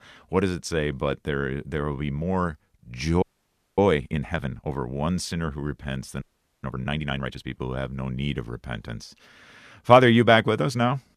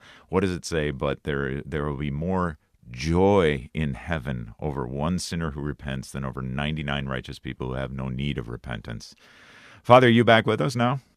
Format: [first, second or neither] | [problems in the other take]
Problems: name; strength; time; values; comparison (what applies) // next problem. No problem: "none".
second | audio freezing; at 3 s for 0.5 s and at 6 s